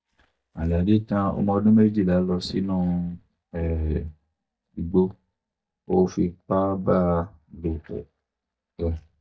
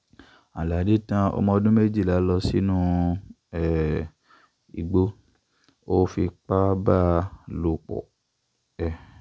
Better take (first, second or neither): second